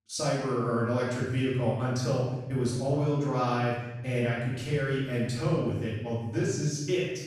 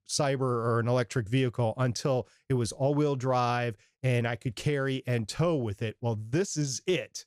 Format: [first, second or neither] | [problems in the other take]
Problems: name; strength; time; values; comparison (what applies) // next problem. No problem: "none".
second | room echo; noticeable; dies away in 1 s // off-mic speech; far